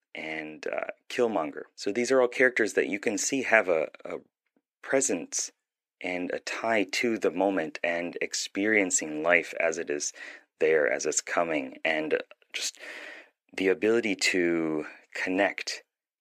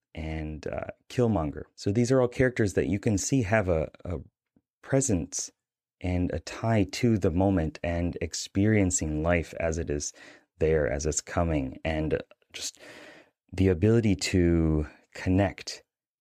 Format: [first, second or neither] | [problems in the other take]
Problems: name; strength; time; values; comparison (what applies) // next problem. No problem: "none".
second | thin; somewhat; fading below 300 Hz